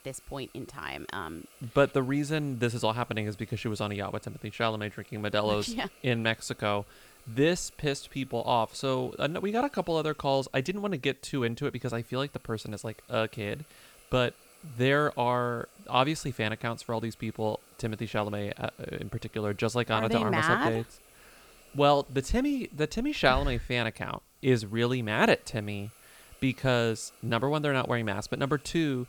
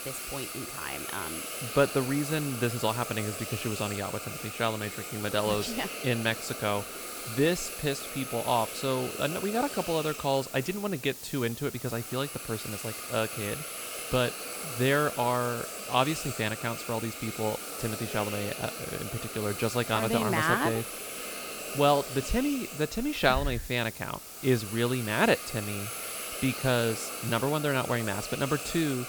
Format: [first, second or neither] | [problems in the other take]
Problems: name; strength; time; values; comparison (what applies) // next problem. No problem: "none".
first | hiss; loud; throughout; 6 dB below the speech; faint in the first